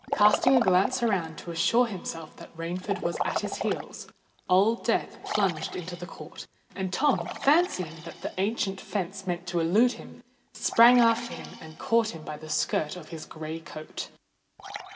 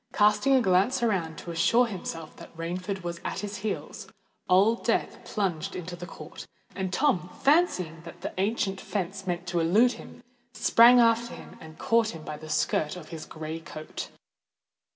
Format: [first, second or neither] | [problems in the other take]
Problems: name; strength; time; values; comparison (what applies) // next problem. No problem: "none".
second | background sound (Liquid); 9 dB below the speech